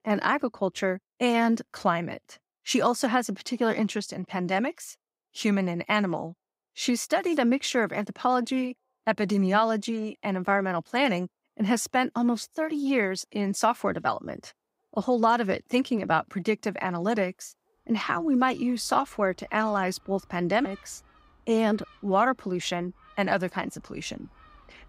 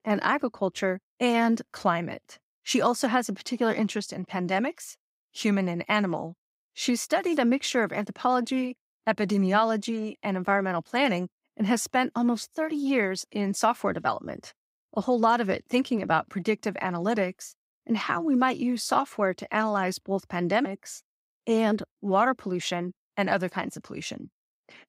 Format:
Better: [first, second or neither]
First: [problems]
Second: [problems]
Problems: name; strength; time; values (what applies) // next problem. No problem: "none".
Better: second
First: animal sounds; faint; throughout; 30 dB below the speech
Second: none